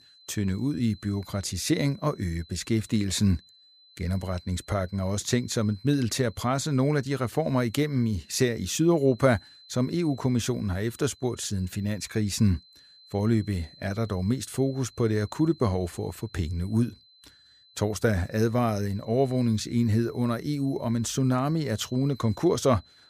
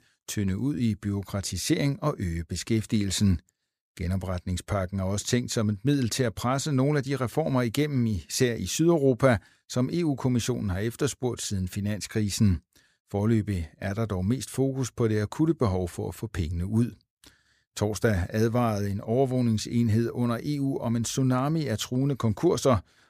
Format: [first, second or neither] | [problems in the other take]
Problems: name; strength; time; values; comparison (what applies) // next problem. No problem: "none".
second | high-pitched whine; faint; throughout; 4 kHz, 25 dB below the speech